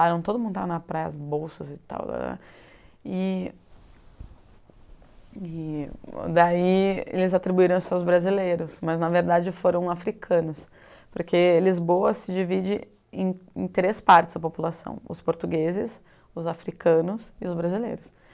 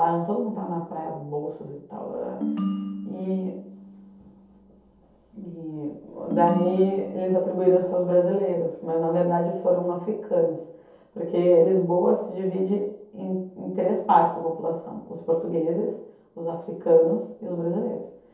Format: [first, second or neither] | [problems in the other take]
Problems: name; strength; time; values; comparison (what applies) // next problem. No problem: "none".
first | background sound (Ringtone); 8 dB below the speech // room echo; dies away in 0.7 s